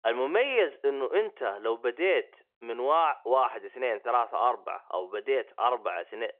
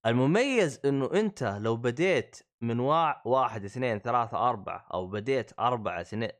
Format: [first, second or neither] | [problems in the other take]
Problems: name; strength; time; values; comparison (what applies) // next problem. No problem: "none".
second | phone-call audio